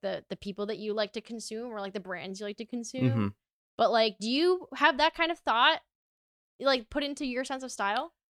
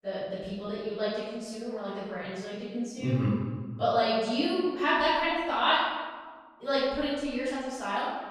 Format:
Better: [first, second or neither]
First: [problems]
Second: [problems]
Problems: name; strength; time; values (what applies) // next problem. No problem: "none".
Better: first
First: none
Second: off-mic speech; far // room echo; strong; dies away in 1.4 s